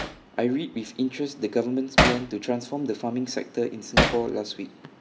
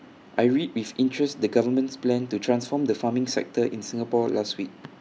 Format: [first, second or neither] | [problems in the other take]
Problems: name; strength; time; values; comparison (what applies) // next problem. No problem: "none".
second | background sound (Hammer); 1 dB below the speech // room echo; dies away in 1.2 s